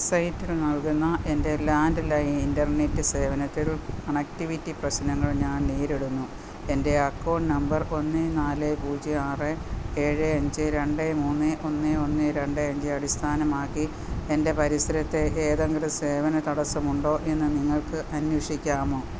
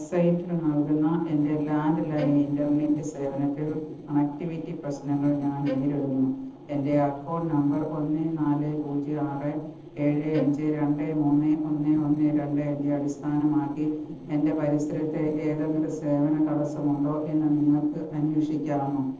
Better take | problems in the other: first | noise reduction (neural separator model SepFormer DNS4)

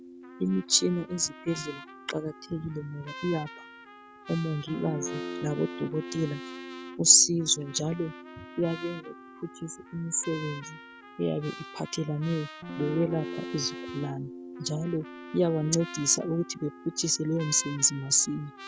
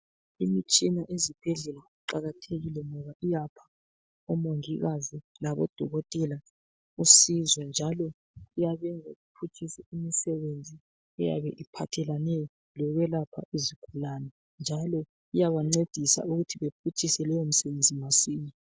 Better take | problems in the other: second | background sound (Trumpet + Guitar); 12 dB below the speech

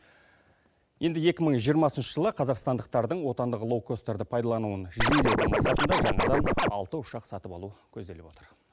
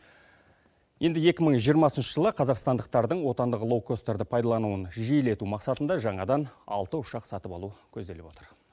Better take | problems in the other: second | background sound (Scratching (performance technique)); 5 dB above the speech

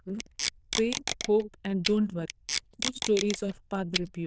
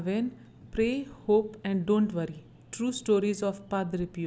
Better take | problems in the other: second | noise reduction (neural diffusion model UNIVERSE++)

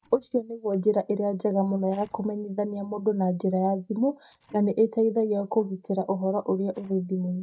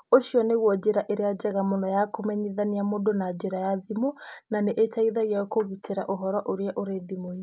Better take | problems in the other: second | noise reduction (neural mask model DeepFilterNet 3)

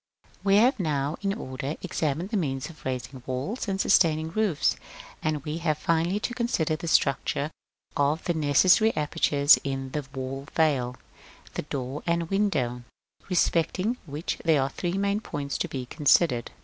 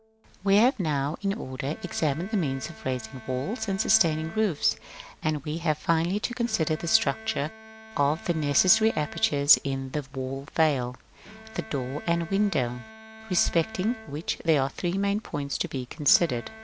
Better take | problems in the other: first | background sound (Bowed string instrument); 19 dB below the speech

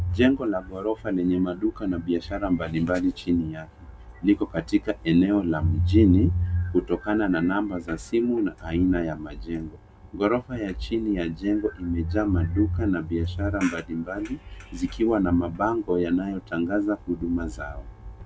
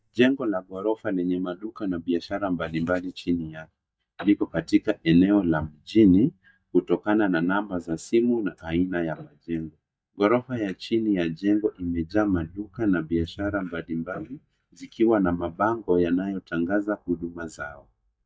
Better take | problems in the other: first | noise reduction (neural mask model DeepFilterNet 3)

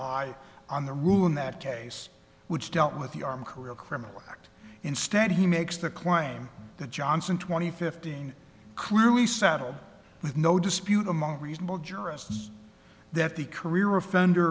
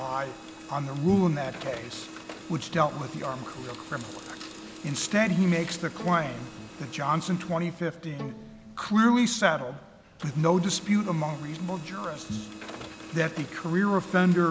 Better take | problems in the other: first | background sound (Printer + Bowed string instrument); 16 dB below the speech

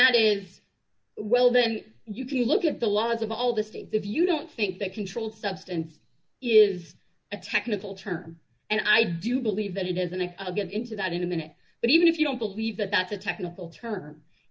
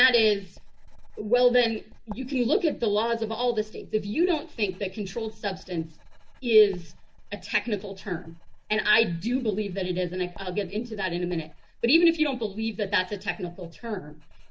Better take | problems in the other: first | background sound (Writing); 17 dB below the speech

